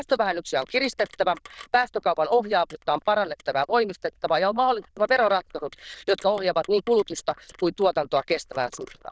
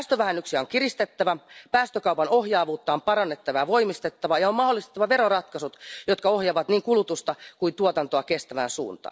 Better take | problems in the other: second | noise reduction (neural diffusion model UNIVERSE++)

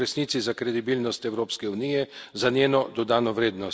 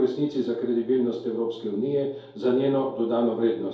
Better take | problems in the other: first | room echo; dies away in 2.4 s

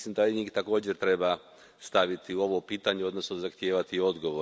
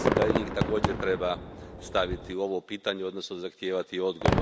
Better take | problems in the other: first | background sound (Fireworks); as loud as the speech

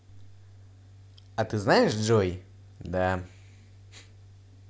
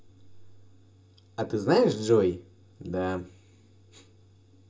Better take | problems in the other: first | room echo; dies away in 0.2 s

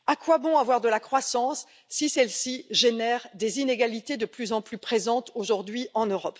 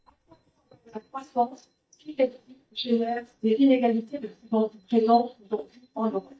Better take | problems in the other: first | noise reduction (neural mask model DeepFilterNet 3)

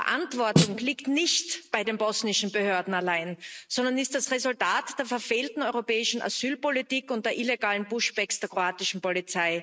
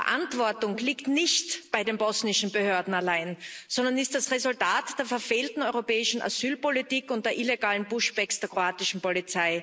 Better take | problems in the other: second | noise reduction (neural mask model RNNoise)

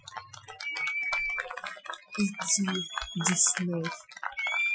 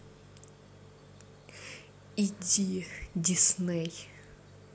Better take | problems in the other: second | noise reduction (classical method Wiener filter)

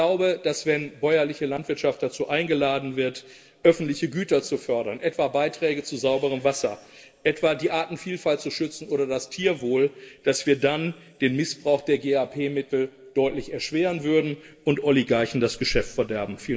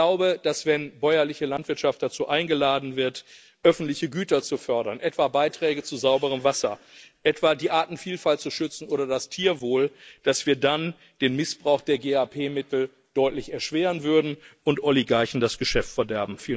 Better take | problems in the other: second | room echo; dies away in 2.1 s

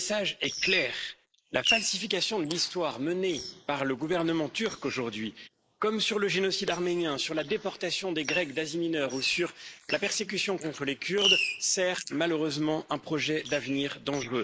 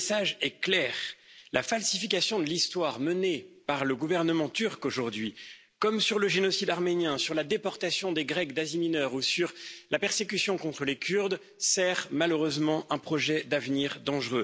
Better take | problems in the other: second | noise reduction (neural mask model Resemble Enhance denoiser)

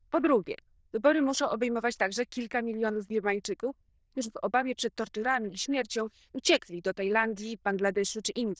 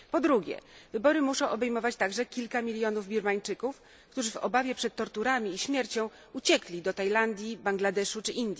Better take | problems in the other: second | noise reduction (neural diffusion model UNIVERSE++)

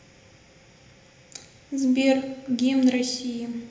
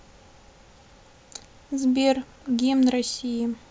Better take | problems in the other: second | room echo; dies away in 0.8 s

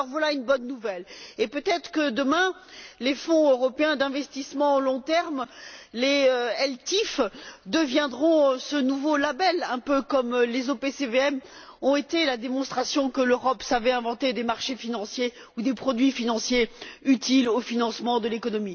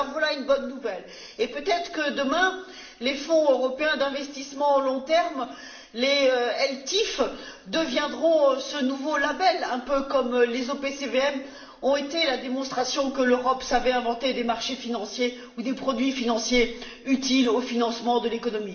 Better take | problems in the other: first | room echo; dies away in 0.9 s

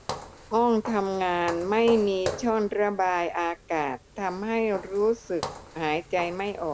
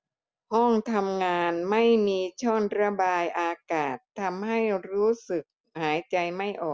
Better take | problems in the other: second | background sound (Walk, footsteps); 13 dB below the speech

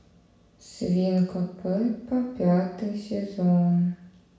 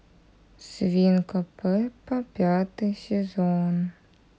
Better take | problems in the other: second | room echo; dies away in 0.7 s

